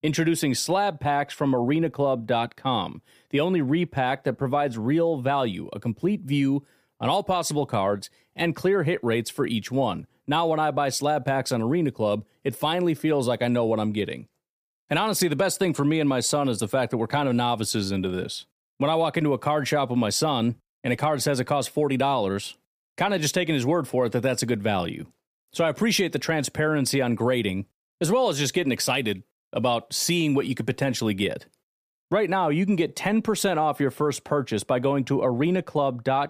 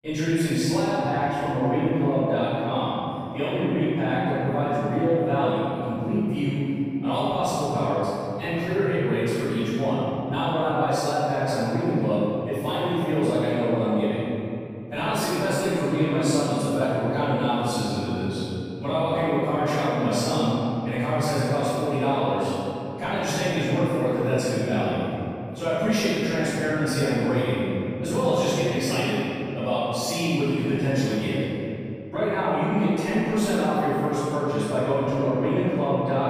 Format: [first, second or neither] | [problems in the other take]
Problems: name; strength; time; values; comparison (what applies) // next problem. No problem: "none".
first | off-mic speech; far // room echo; strong; dies away in 3 s